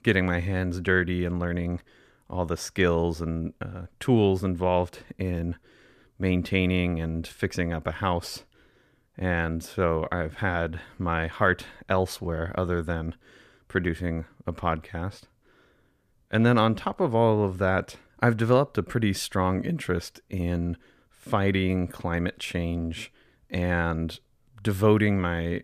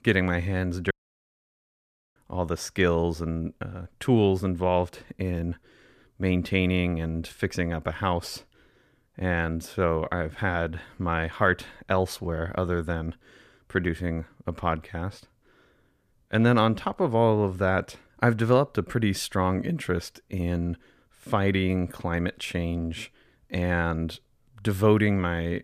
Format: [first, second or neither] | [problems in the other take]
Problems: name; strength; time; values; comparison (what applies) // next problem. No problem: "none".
first | audio cutting out; at 1 s for 1.5 s